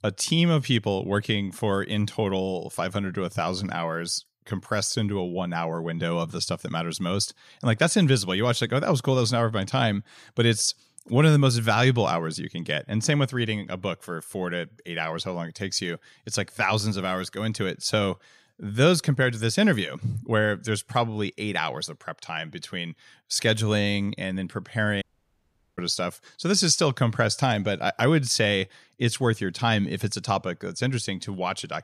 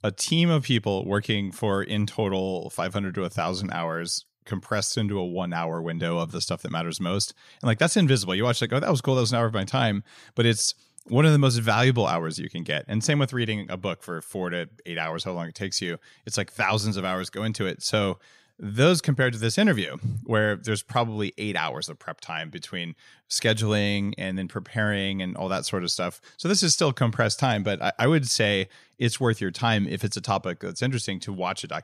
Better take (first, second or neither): second